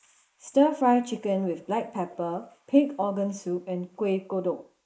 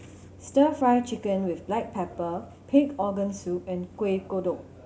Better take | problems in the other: second | noise reduction (neural mask model Resemble Enhance denoiser)

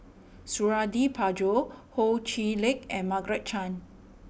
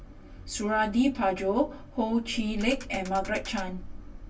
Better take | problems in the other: first | background sound (Ratchet, pawl); 19 dB below the speech // room echo; dies away in 0.1 s

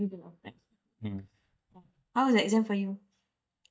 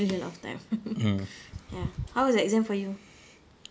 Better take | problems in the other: second | noise reduction (neural mask model DeepFilterNet 3)

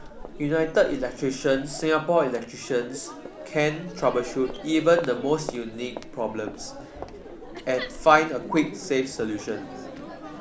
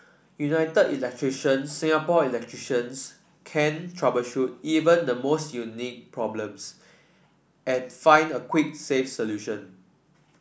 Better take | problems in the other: second | background sound (Crowd); 13 dB below the speech

